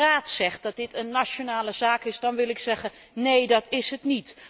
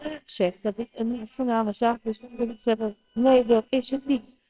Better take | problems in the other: first | noise reduction (neural separator model SepFormer WHAMR!)

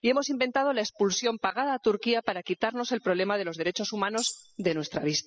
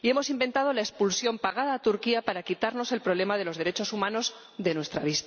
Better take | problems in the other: second | noise reduction (classical method spectral subtraction)

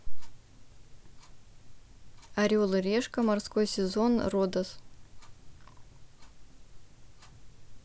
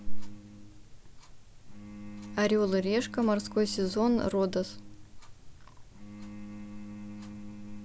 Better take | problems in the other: first | background sound (Bowed string instrument); 15 dB below the speech

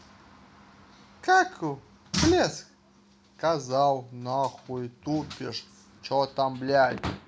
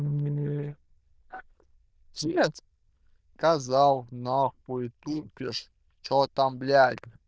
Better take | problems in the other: first | noise reduction (neural diffusion model UNIVERSE++)

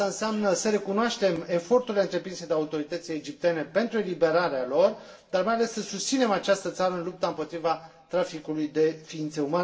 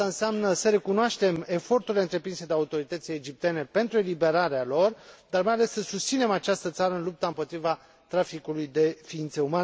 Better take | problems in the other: second | room echo; dies away in 0.7 s

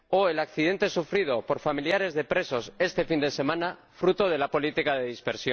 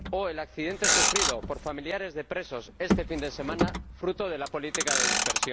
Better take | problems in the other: first | background sound (Motor vehicle (road)); 4 dB above the speech

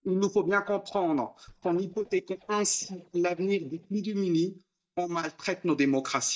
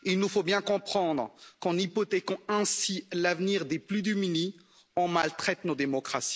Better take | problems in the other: second | noise reduction (neural mask model DeepFilterNet 3)

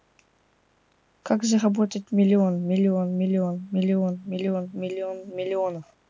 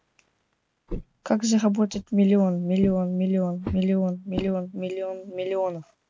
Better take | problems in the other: first | noise reduction (neural mask model RNNoise)

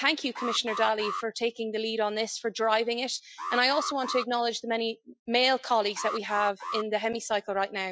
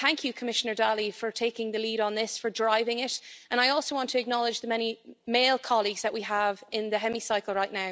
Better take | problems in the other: second | noise reduction (classical method Wiener filter)

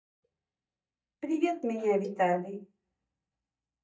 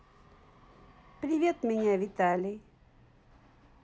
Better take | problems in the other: second | noise reduction (neural mask model DeepFilterNet 3)

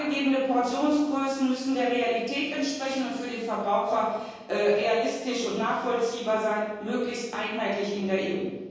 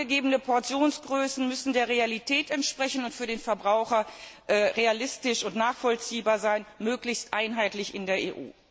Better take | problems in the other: second | room echo; dies away in 1.3 s

